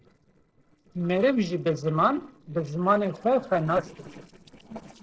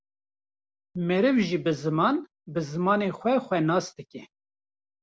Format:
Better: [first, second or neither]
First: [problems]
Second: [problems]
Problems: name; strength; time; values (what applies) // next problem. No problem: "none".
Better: second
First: noise reduction (neural separator model SepFormer DNS4)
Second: none